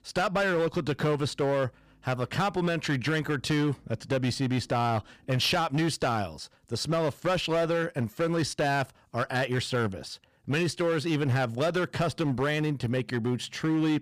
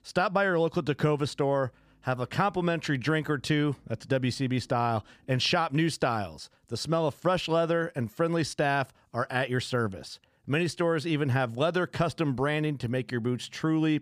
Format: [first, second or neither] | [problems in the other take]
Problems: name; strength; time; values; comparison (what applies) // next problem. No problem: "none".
second | distortion; slight; 12% of the sound clipped